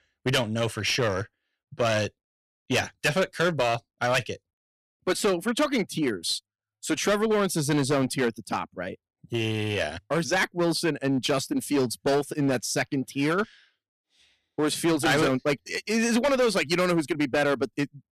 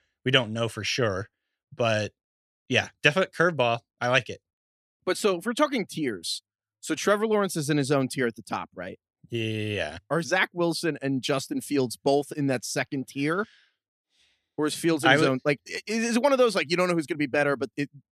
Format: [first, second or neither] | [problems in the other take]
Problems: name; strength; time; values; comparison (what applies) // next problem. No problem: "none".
second | distortion; heavy; 9% of the sound clipped